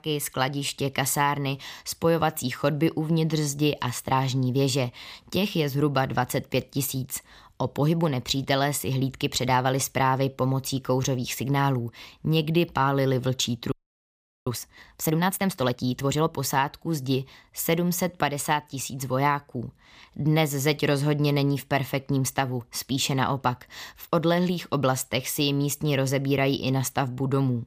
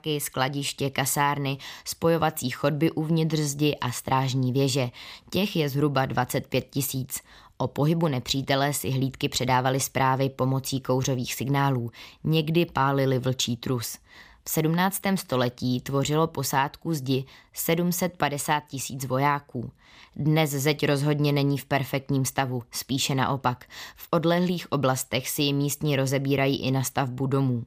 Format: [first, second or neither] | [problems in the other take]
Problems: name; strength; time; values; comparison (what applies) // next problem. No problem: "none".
second | audio freezing; at 14 s for 0.5 s